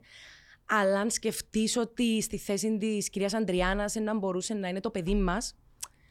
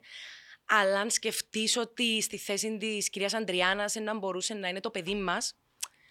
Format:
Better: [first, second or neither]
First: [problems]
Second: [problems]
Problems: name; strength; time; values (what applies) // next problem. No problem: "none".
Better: first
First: none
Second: thin; very slightly; fading below 500 Hz